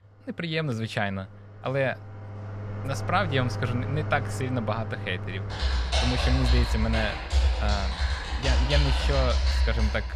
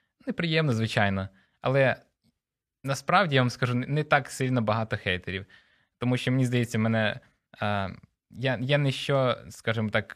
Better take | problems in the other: second | household noises; very loud; throughout; 2 dB above the speech

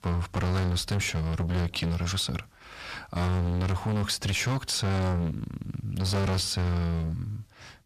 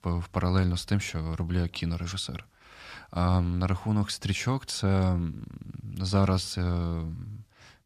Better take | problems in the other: second | distortion; heavy; 22% of the sound clipped

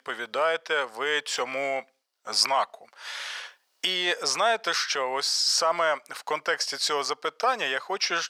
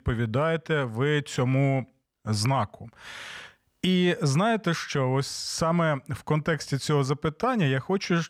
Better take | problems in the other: second | thin; very; fading below 550 Hz

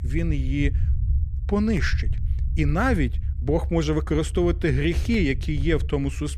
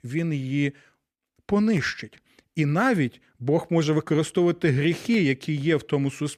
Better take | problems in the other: second | low rumble; noticeable; throughout; 20 dB below the speech

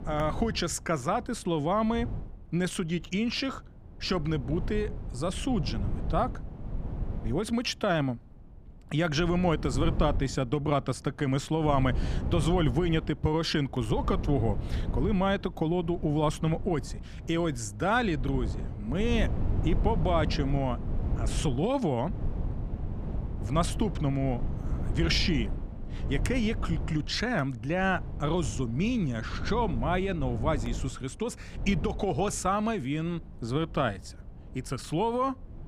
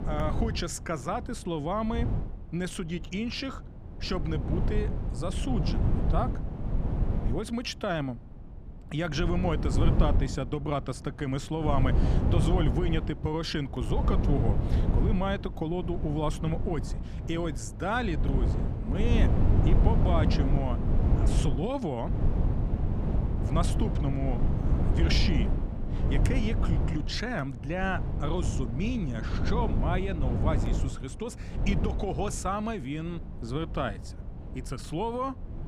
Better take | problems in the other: first | wind noise on the microphone; heavy; 5 dB below the speech; occasional gusts in the first

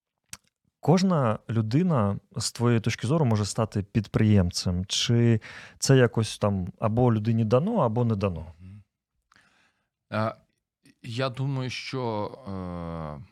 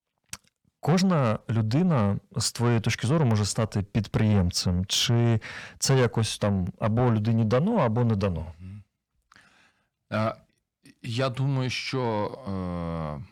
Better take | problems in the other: first | distortion; slight; 10 dB below the speech

